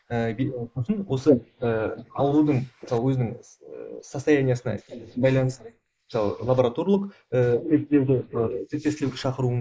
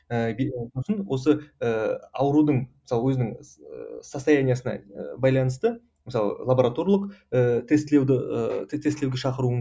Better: second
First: noise reduction (neural mask model Resemble Enhance denoiser)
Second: none

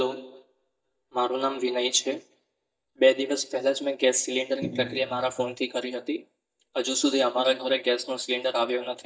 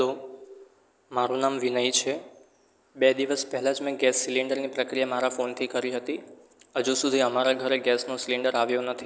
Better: second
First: noise reduction (neural mask model DeepFilterNet 3)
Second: none

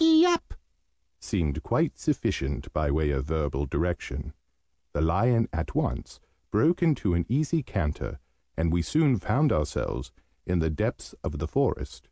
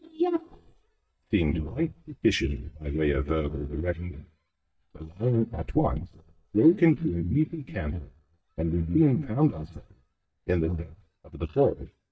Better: first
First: none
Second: noise reduction (neural mask model DeepFilterNet 3)

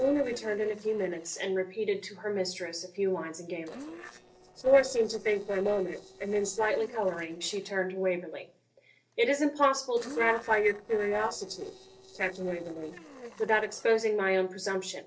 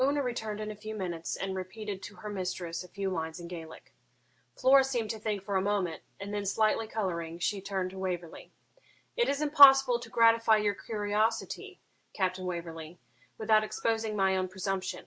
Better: second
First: noise reduction (neural separator model SepFormer DNS4)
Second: none

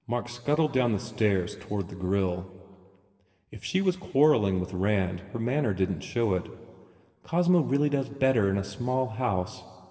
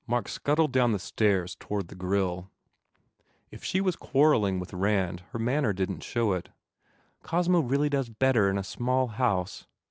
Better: second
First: room echo; dies away in 1.6 s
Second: none

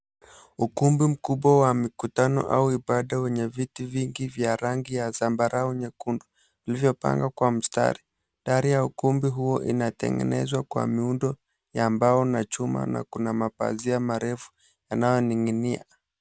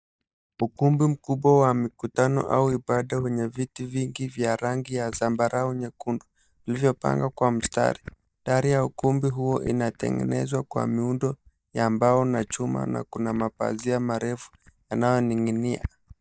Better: first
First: none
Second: noise reduction (neural mask model DeepFilterNet 3)

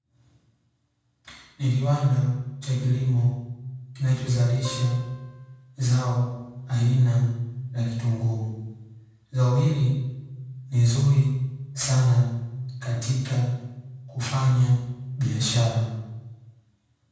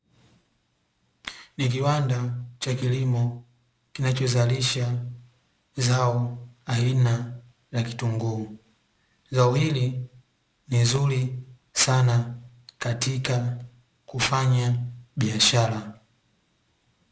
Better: second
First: background sound (Acoustic guitar); 19 dB below the speech // room echo; dies away in 1.2 s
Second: none

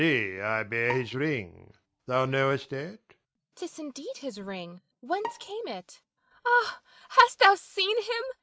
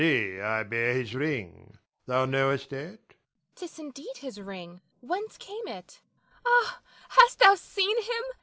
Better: second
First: noise reduction (neural mask model RNNoise)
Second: none

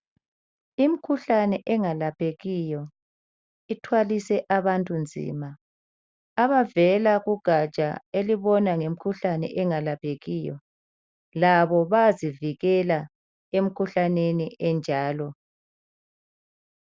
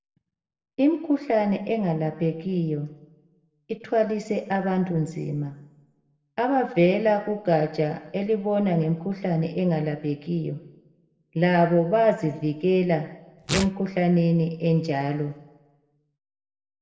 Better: first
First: none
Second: background sound (Tearing); 10 dB below the speech // room echo; dies away in 0.8 s

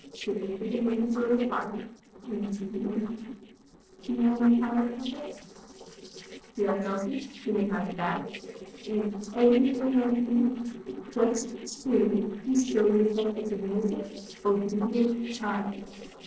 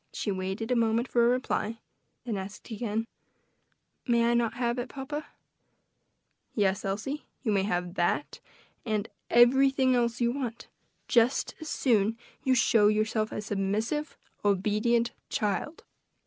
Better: second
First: noise reduction (neural separator model SepFormer DNS4)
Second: none

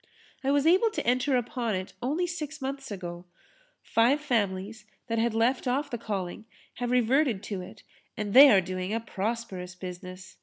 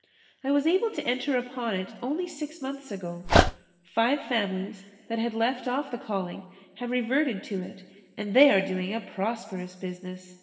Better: first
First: none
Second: background sound (Dog); 4 dB above the speech // room echo; dies away in 1.8 s

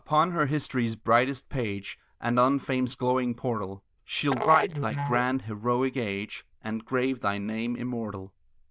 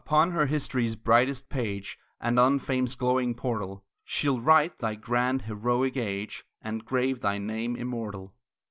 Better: second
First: noise reduction (neural diffusion model UNIVERSE++)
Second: none

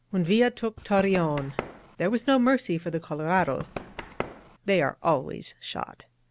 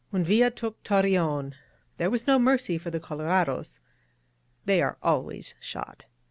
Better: second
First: background sound (Run); 11 dB below the speech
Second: none

